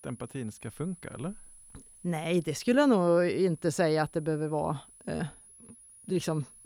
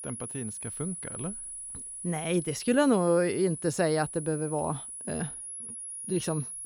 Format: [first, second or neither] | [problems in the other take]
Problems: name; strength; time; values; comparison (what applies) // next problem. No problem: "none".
first | high-pitched whine; loud; throughout; 10 kHz, 8 dB below the speech; faint in the first